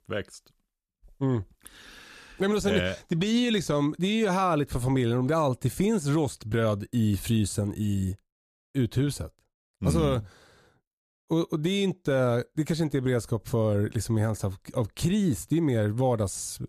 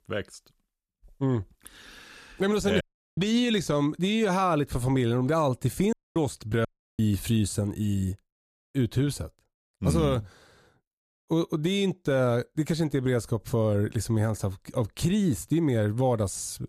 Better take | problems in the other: first | audio cutting out; at 3 s, at 6 s and at 6.5 s

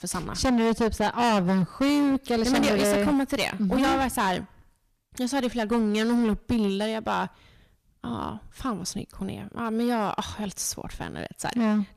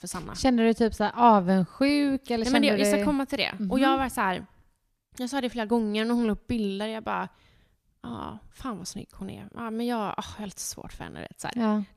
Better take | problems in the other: second | distortion; heavy; 13% of the sound clipped

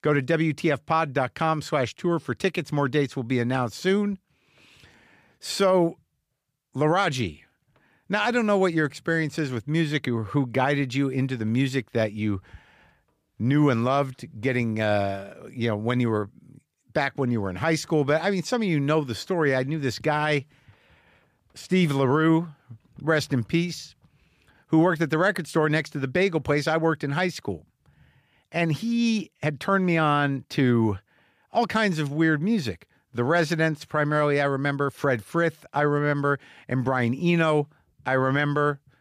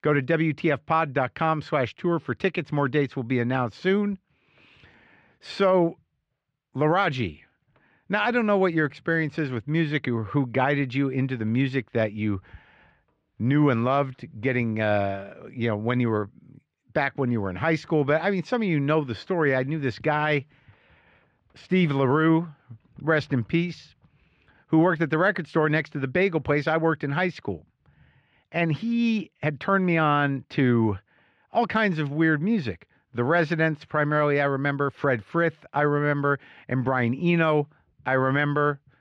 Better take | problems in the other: first | muffled; slightly; fading above 2.5 kHz

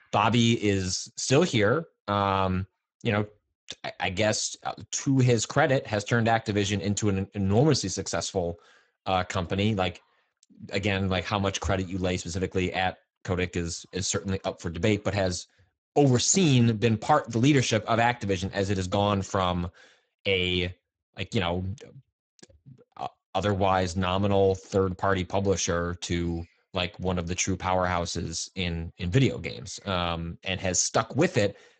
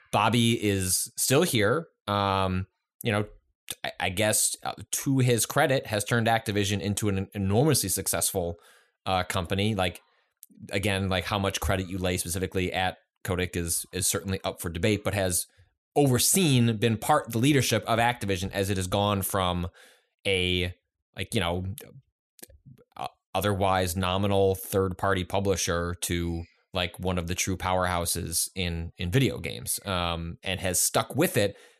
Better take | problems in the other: second | garbled, watery; badly; nothing above 7.5 kHz

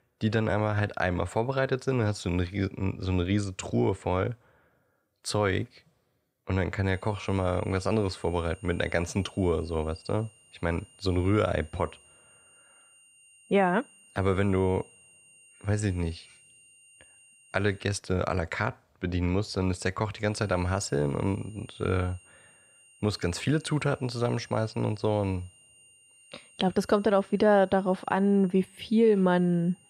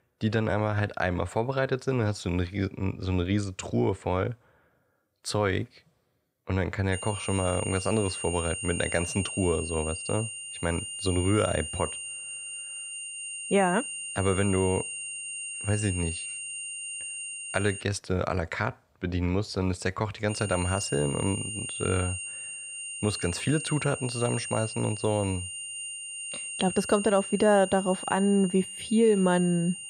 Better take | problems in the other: first | high-pitched whine; loud; from 7 to 18 s and from 20 s on; 3 kHz, 6 dB below the speech; faint in the first

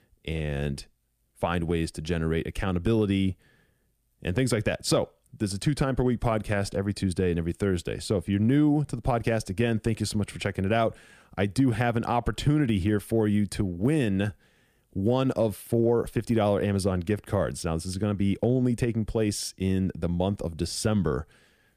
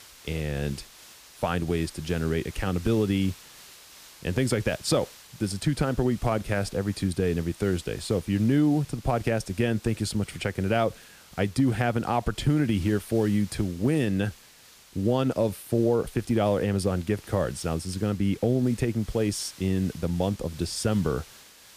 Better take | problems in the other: first | hiss; faint; throughout; 20 dB below the speech

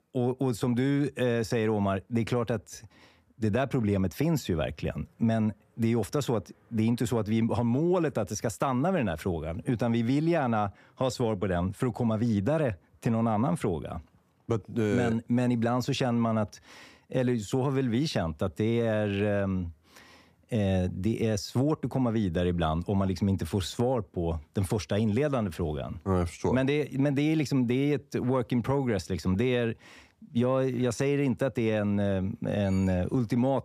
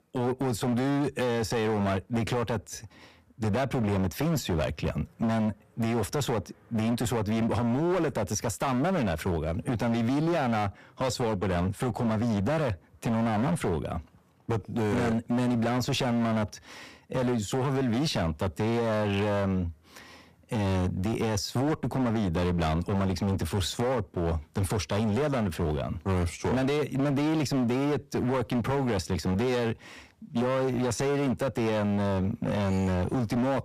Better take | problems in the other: first | distortion; heavy; 25% of the sound clipped

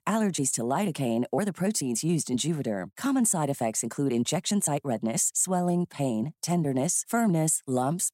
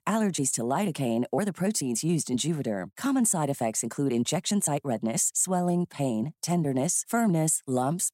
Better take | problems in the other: neither | none

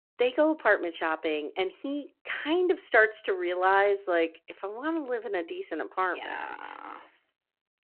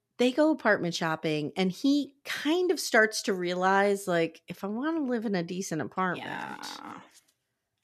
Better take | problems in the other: second | phone-call audio

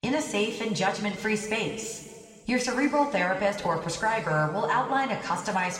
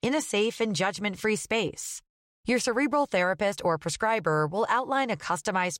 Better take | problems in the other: second | room echo; noticeable; dies away in 1.8 s // off-mic speech; somewhat distant

